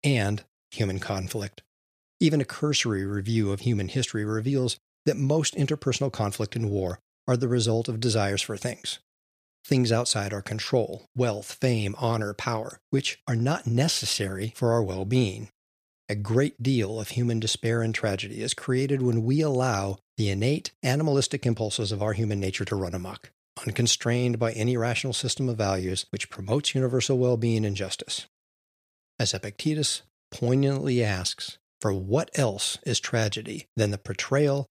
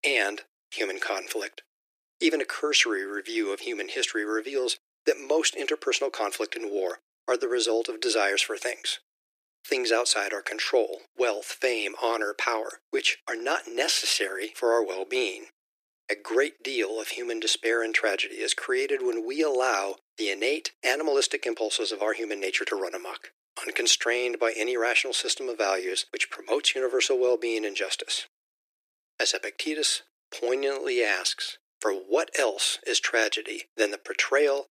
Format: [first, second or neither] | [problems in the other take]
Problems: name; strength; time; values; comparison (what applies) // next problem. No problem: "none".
first | thin; very; fading below 300 Hz